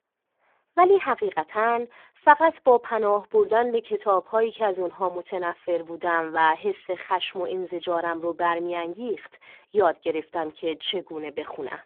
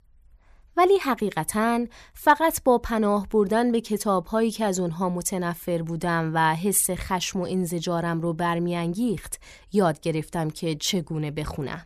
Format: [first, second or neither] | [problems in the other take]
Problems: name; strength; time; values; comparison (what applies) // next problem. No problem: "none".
second | phone-call audio; poor line; nothing above 3.5 kHz